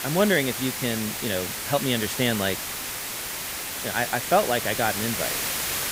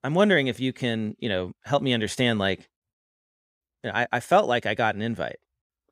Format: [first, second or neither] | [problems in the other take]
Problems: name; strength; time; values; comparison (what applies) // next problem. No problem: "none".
second | hiss; loud; throughout; 2 dB below the speech